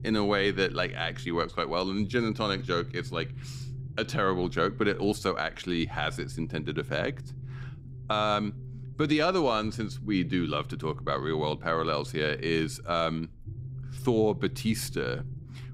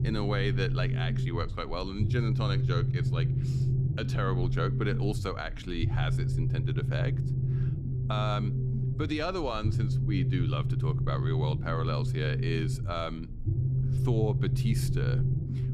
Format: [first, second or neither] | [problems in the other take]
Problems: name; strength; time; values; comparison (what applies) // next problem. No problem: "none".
first | low rumble; loud; throughout; 6 dB below the speech; faint in the first